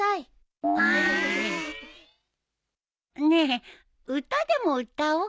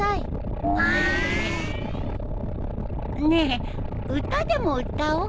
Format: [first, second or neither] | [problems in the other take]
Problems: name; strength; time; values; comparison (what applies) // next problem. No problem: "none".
first | background sound (Boat, Water vehicle); 2 dB below the speech